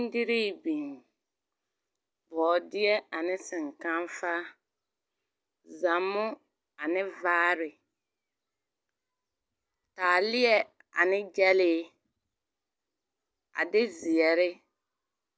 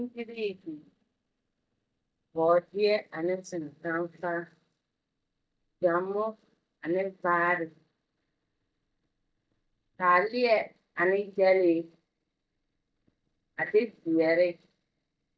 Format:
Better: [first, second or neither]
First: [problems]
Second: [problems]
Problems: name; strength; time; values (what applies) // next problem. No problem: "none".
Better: first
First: none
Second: noise reduction (neural mask model DeepFilterNet 3)